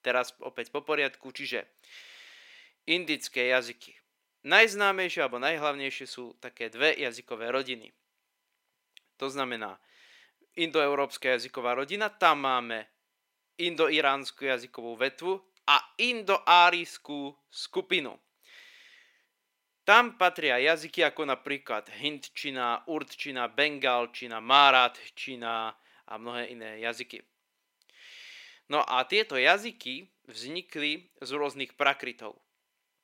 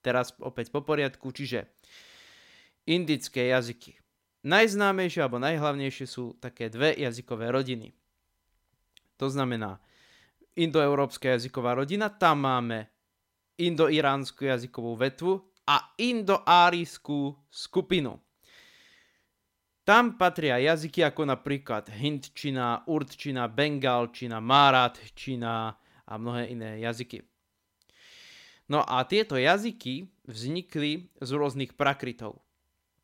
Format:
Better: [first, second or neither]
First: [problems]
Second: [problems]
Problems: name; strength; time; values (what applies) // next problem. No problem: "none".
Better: second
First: thin; somewhat; fading below 400 Hz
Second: none